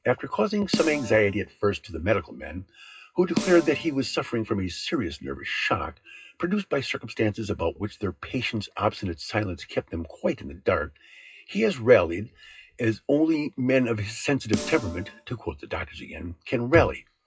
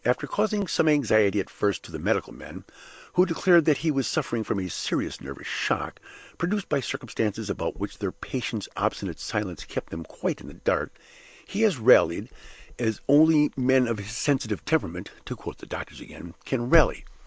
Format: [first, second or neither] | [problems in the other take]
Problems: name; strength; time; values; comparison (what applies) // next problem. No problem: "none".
second | noise reduction (classical method WPE with log-MMSE)